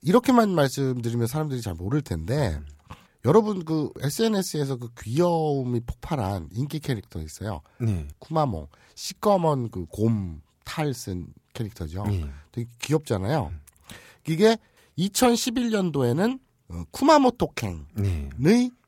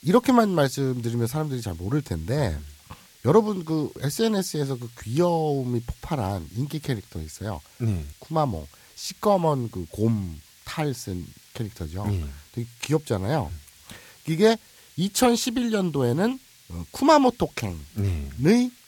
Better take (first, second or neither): first